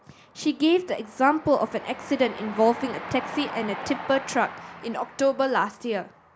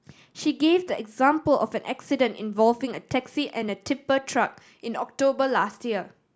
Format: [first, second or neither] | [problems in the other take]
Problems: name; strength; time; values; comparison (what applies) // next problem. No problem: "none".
second | background sound (Train); 14 dB below the speech